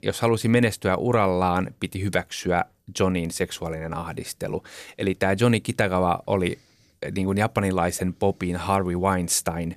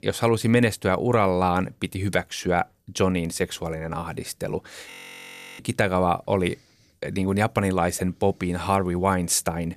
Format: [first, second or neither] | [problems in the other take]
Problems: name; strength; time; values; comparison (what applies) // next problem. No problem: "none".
first | audio freezing; at 5 s for 0.5 s